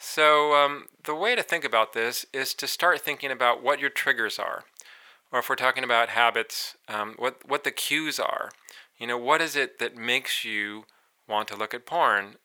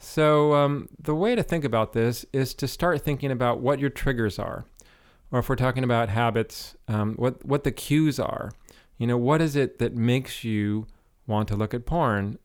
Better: second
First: thin; very; fading below 800 Hz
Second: none

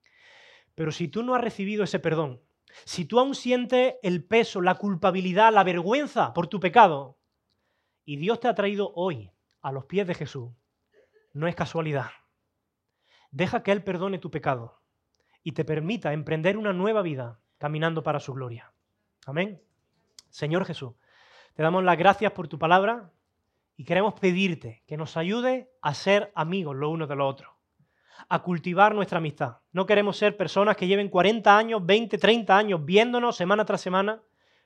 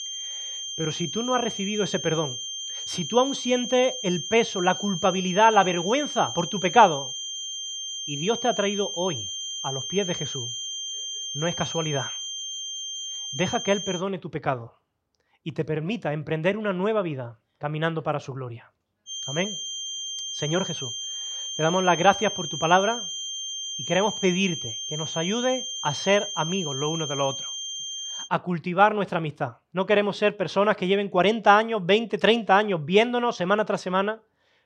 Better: first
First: none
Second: high-pitched whine; loud; until 14 s and from 19 to 28 s; 3 kHz, 6 dB below the speech

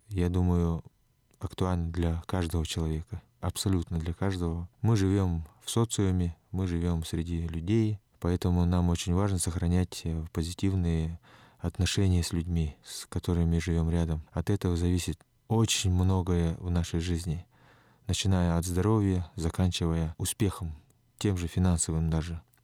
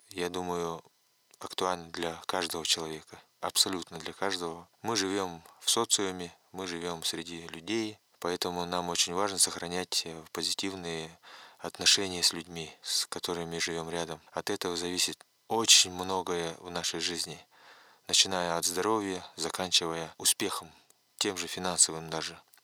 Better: first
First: none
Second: thin; very; fading below 550 Hz

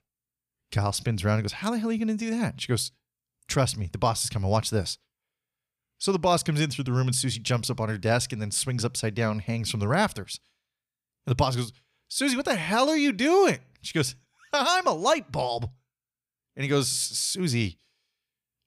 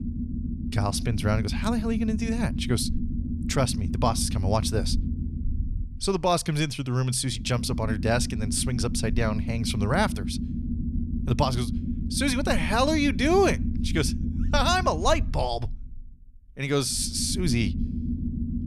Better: first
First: none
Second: low rumble; noticeable; throughout; 10 dB below the speech

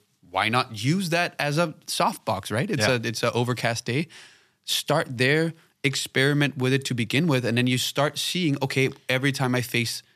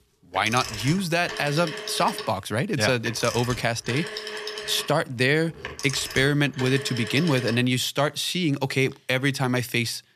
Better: first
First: none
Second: phone ringing; noticeable; until 7.5 s; peak 7 dB below the speech

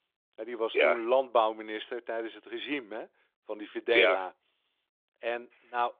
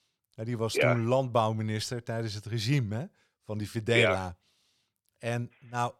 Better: second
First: phone-call audio; nothing above 3.5 kHz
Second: none

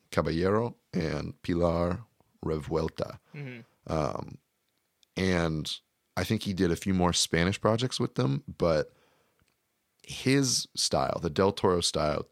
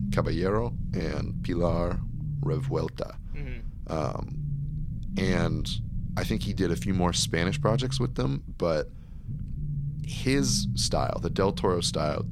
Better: first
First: none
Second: low rumble; noticeable; throughout; 15 dB below the speech

